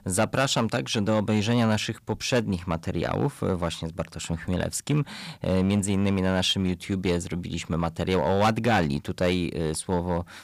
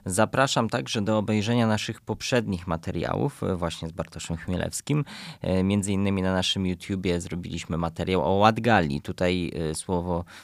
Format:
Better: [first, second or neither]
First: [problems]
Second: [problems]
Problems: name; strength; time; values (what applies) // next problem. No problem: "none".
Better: second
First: distortion; slight; 4% of the sound clipped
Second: none